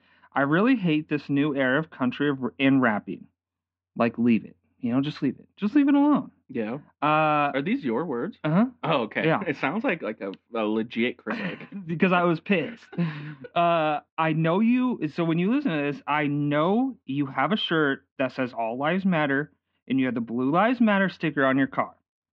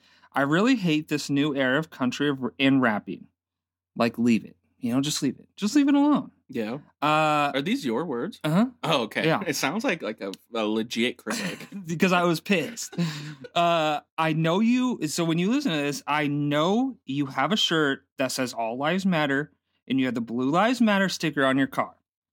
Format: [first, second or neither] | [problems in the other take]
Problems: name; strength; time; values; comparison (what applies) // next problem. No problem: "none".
second | muffled; very; fading above 3 kHz